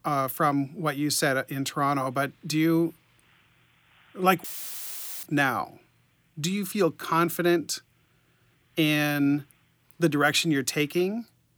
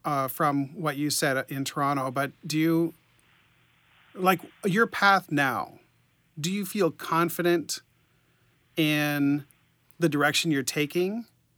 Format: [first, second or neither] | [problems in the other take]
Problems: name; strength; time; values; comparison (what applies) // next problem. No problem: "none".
second | audio cutting out; filled with static; at 4.5 s for 1 s